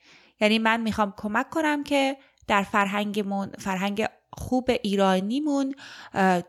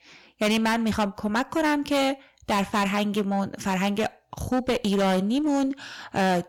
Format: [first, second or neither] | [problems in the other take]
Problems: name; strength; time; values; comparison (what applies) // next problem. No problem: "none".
first | distortion; heavy; 17% of the sound clipped